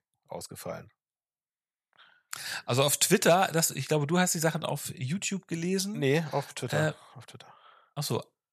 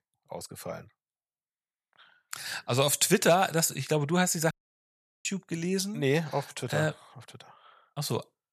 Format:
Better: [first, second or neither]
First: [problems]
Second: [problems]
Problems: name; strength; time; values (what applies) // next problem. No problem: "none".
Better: first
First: none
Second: audio cutting out; at 4.5 s for 0.5 s